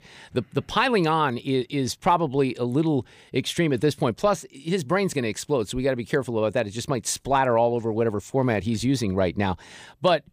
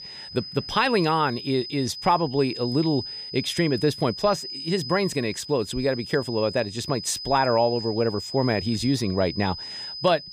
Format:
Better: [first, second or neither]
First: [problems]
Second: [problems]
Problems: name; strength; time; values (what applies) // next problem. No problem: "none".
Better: first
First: none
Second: high-pitched whine; loud; throughout; 5 kHz, 9 dB below the speech